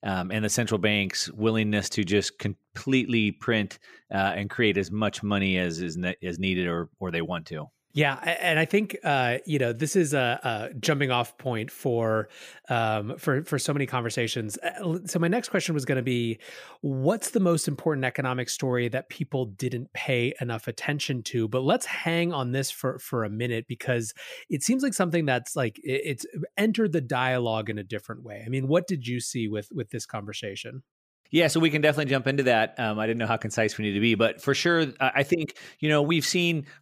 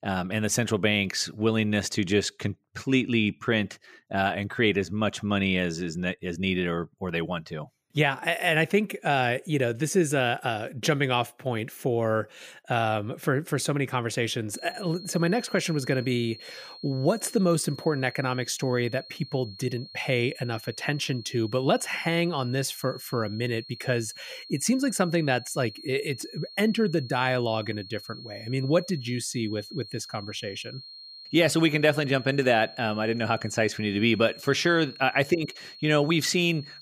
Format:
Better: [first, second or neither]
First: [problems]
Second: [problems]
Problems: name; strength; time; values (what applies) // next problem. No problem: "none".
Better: first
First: none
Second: high-pitched whine; noticeable; from 15 s on; 4.5 kHz, 15 dB below the speech